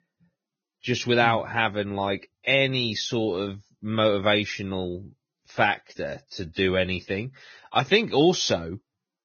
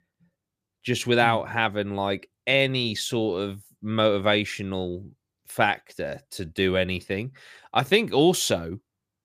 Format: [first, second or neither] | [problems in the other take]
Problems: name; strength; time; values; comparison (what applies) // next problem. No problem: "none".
second | garbled, watery; badly; nothing above 6.5 kHz